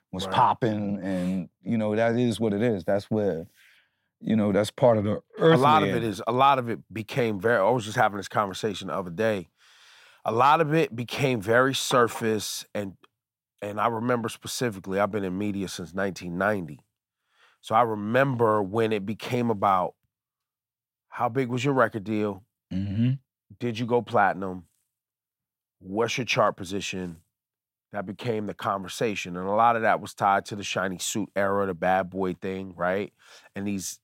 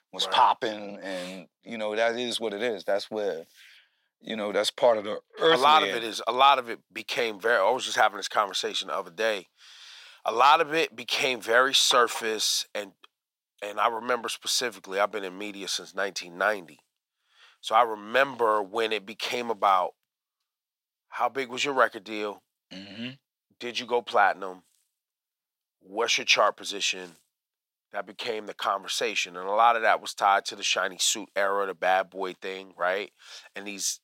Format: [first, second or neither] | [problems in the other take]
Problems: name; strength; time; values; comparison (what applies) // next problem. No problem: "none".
first | thin; somewhat; fading below 450 Hz